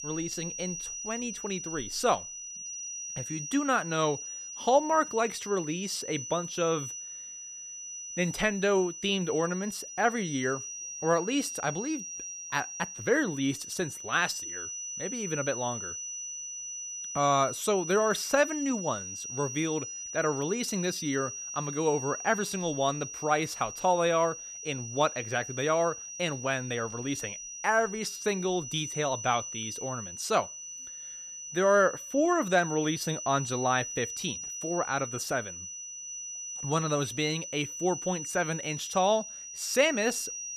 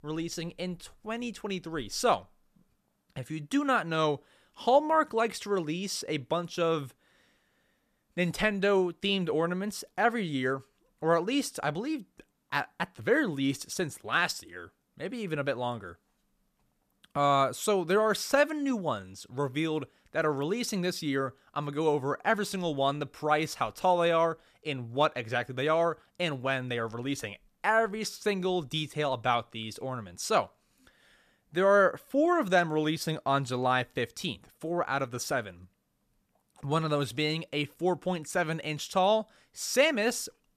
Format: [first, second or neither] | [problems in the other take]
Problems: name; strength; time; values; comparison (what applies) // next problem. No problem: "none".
second | high-pitched whine; loud; throughout; 6 kHz, 7 dB below the speech